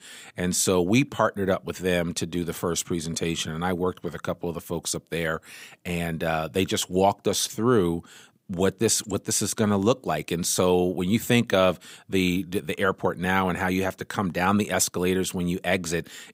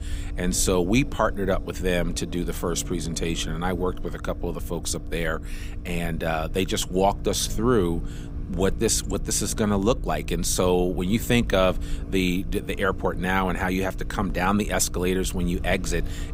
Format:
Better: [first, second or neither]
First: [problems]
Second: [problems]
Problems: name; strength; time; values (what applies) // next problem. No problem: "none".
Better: first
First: none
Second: low rumble; noticeable; throughout; 20 dB below the speech